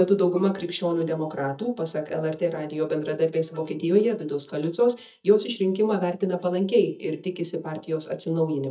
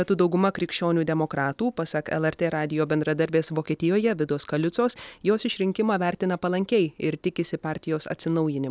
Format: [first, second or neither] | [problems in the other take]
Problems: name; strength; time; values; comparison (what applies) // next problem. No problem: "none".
second | noise reduction (neural mask model DeepFilterNet 3)